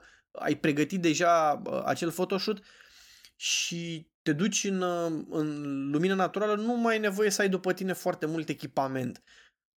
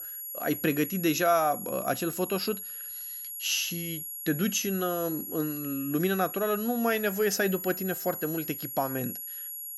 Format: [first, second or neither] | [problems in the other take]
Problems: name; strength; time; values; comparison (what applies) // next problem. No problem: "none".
first | high-pitched whine; loud; throughout; 11.5 kHz, 6 dB below the speech